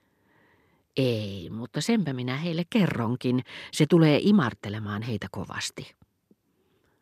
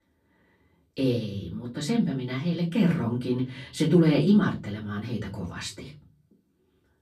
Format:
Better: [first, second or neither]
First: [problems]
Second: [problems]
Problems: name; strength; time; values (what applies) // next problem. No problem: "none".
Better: first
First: none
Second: off-mic speech; far // room echo; very slight; dies away in 0.4 s